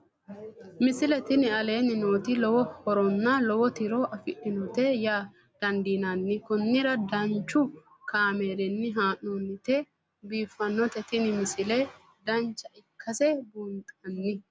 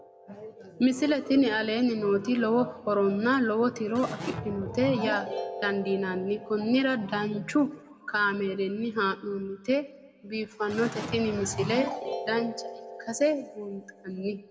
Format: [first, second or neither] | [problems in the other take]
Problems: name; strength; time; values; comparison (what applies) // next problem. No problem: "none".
first | background sound (Keyboard (musical)); 12 dB below the speech // room echo; dies away in 0.8 s